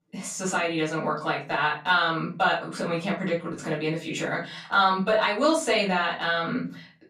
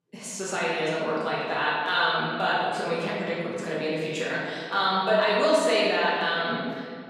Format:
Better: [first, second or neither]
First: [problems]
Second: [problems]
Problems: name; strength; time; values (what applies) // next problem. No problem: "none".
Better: first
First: room echo; slight; dies away in 0.4 s // off-mic speech; far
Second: room echo; strong; dies away in 1.8 s // off-mic speech; far